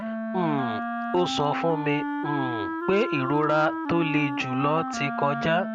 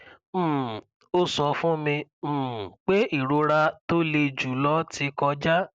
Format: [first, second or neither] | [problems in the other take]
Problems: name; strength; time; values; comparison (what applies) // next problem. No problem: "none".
second | background sound (Wind instrument, woodwind instrument); 4 dB below the speech